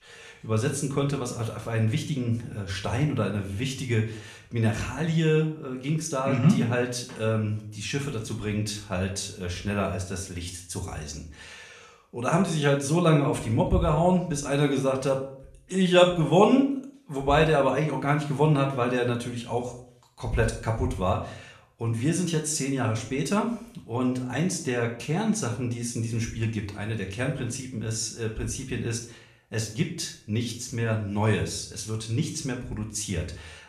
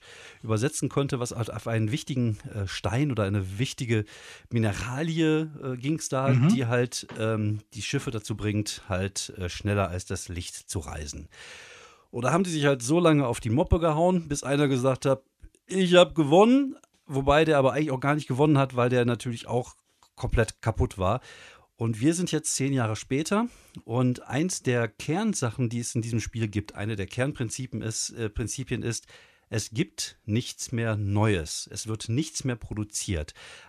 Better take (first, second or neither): second